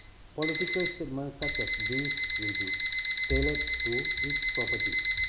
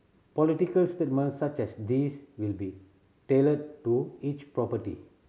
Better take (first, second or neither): second